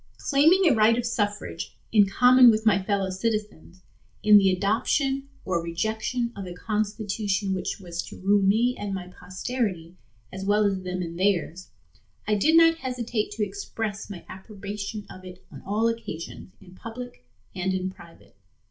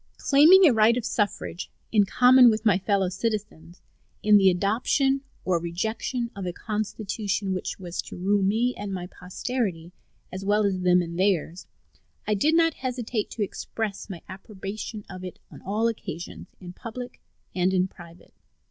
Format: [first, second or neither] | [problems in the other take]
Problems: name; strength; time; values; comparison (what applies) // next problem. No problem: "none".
second | room echo; dies away in 0.2 s